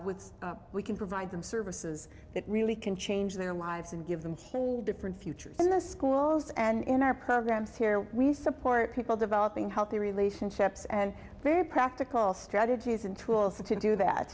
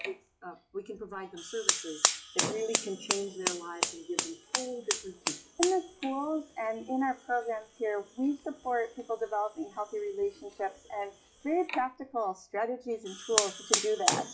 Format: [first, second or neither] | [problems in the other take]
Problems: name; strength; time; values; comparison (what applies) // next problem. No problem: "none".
first | noise reduction (classical method WPE with log-MMSE)